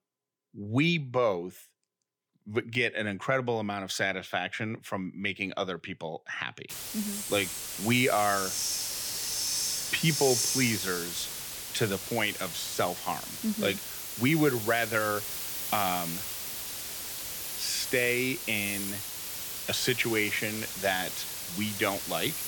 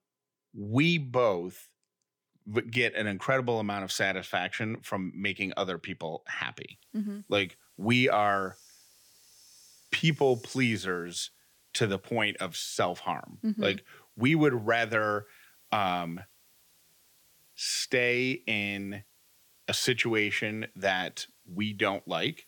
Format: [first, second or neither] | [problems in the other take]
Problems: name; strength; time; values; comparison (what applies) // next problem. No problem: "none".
second | hiss; loud; from 6.5 s on; 3 dB below the speech; faint in the second